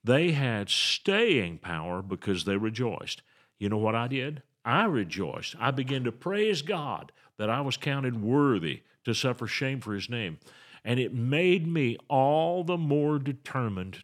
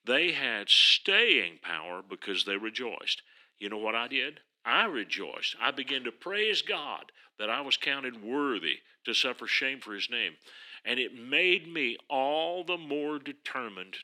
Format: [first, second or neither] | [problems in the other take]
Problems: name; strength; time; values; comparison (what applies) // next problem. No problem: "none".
first | thin; somewhat; fading below 250 Hz